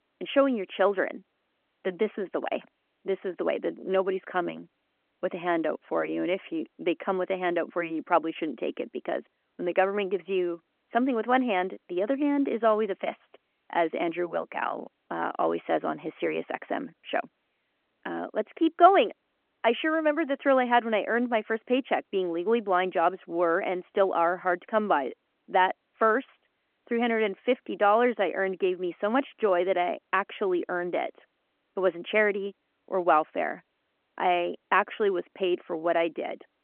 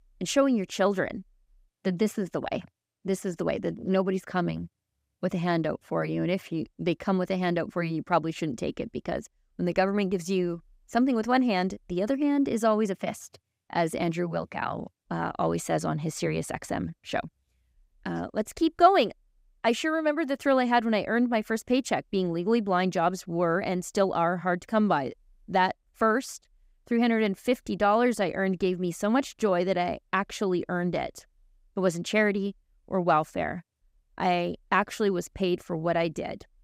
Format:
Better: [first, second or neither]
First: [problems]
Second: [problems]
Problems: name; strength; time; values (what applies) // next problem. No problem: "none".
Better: second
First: phone-call audio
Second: none